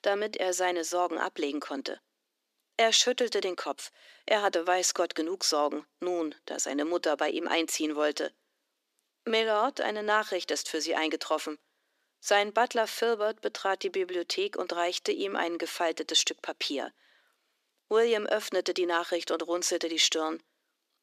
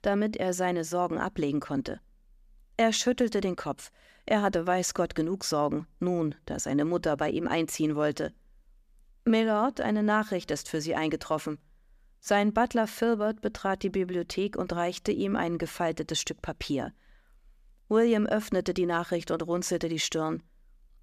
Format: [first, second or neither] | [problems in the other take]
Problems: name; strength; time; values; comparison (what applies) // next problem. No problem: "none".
second | thin; somewhat; fading below 300 Hz